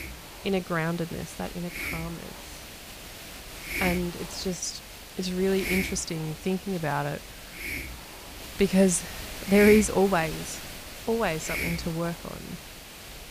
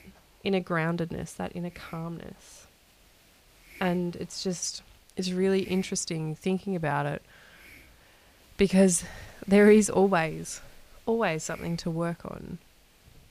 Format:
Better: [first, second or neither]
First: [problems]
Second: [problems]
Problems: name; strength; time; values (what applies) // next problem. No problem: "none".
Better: second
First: hiss; loud; throughout; 8 dB below the speech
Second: hiss; faint; throughout; 25 dB below the speech